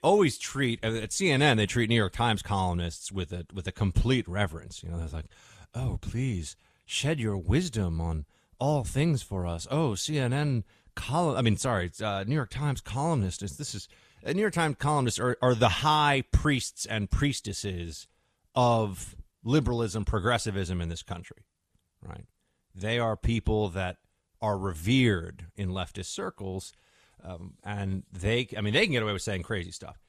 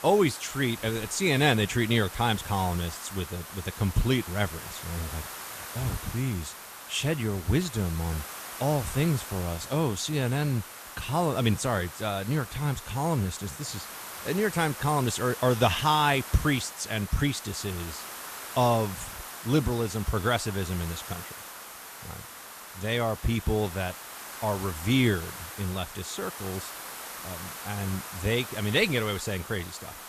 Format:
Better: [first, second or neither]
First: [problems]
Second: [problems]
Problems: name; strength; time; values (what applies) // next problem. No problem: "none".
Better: first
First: none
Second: hiss; noticeable; throughout; 10 dB below the speech